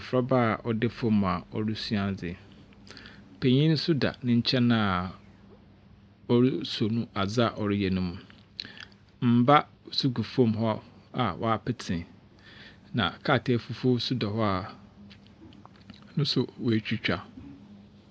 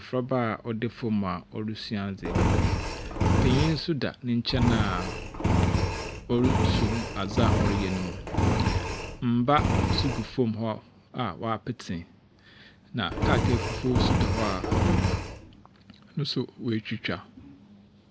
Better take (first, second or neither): first